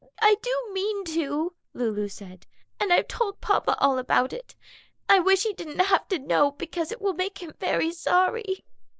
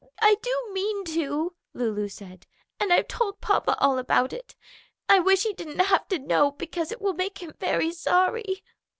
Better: second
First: noise reduction (neural mask model Resemble Enhance denoiser)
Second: none

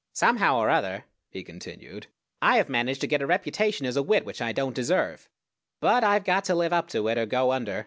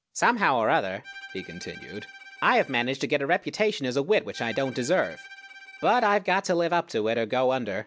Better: first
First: none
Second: background sound (Bowed string instrument); 20 dB below the speech

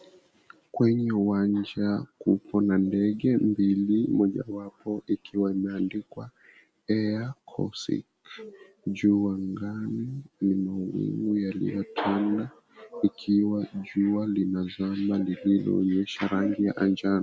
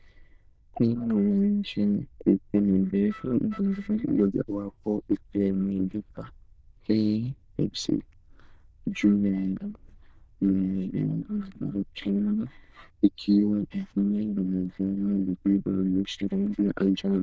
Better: first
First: none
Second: noise reduction (neural diffusion model UNIVERSE++)

